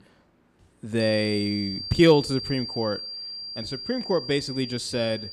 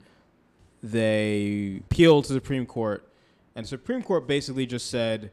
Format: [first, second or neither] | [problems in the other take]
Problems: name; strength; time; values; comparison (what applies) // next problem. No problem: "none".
second | high-pitched whine; loud; from 1 s on; 4.5 kHz, 8 dB below the speech